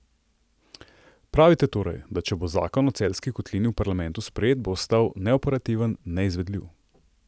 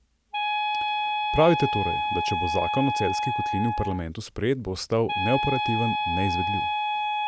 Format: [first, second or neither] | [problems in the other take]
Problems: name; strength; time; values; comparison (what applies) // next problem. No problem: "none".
first | background sound (Wind instrument, woodwind instrument); as loud as the speech